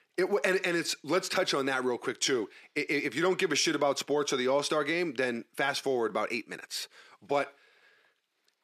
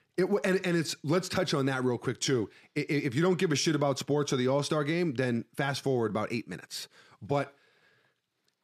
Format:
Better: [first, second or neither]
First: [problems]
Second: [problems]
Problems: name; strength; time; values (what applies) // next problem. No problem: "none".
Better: second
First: thin; somewhat; fading below 350 Hz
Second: none